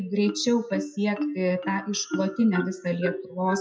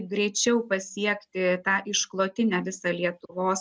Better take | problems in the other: second | noise reduction (classical method WPE with log-MMSE)

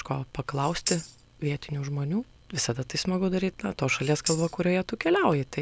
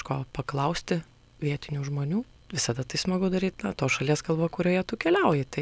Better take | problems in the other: second | background sound (Tambourine); 10 dB below the speech

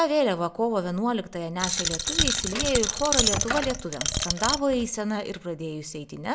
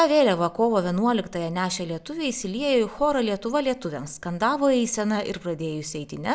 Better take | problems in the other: second | background sound (Coin (dropping)); as loud as the speech

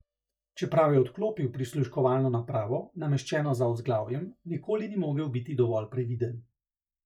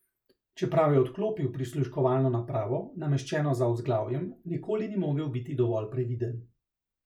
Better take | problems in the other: second | noise reduction (neural mask model DeepFilterNet 3)

